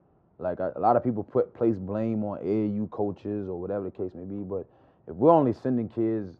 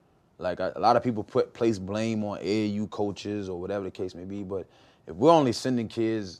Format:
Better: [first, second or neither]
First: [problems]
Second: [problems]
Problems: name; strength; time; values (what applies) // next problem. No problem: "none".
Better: second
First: muffled; very; fading above 2.5 kHz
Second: none